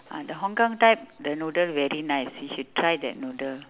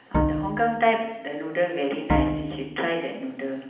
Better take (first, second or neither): first